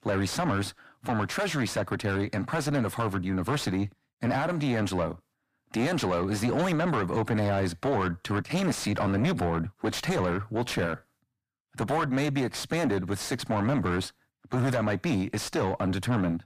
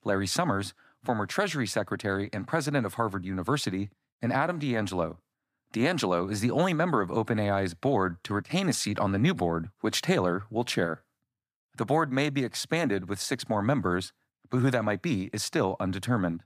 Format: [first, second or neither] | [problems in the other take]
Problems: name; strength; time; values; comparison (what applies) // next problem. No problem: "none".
second | distortion; heavy; 7 dB below the speech